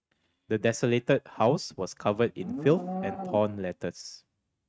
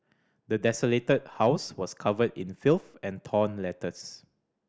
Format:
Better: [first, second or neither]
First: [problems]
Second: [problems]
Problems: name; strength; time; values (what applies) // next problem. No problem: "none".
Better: second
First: noise reduction (neural mask model RNNoise)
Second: none